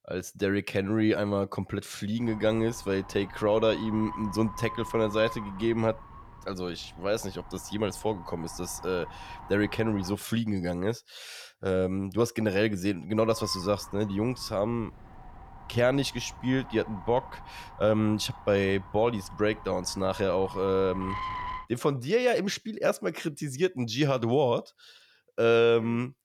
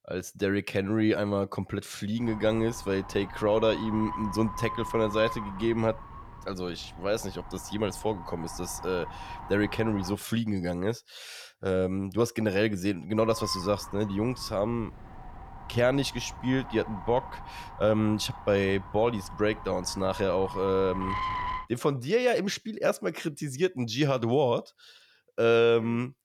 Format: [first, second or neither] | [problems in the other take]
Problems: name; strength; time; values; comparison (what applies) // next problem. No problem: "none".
first | wind noise on the microphone; heavy; from 2 to 10 s and from 13 to 22 s; 9 dB below the speech; occasional gusts in the first